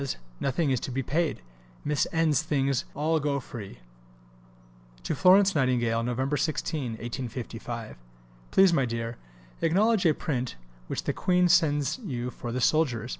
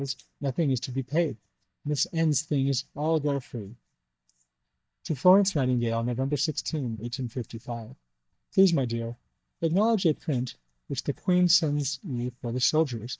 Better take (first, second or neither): first